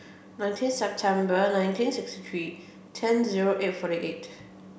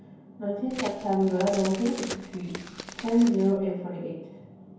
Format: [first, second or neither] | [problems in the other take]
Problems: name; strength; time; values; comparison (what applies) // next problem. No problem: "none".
first | background sound (Crack); 12 dB below the speech // room echo; dies away in 0.9 s